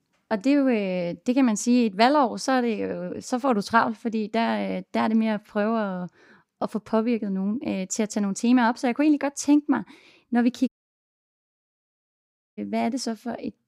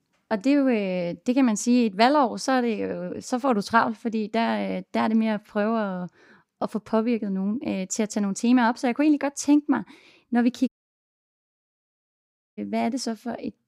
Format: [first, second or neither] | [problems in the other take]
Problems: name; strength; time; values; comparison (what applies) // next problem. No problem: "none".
neither | audio cutting out; at 11 s for 2 s; the same in both